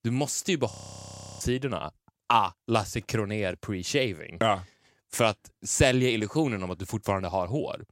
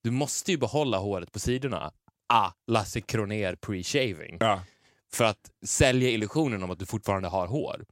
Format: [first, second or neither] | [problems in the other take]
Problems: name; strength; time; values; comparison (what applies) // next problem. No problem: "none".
second | audio freezing; at 0.5 s for 0.5 s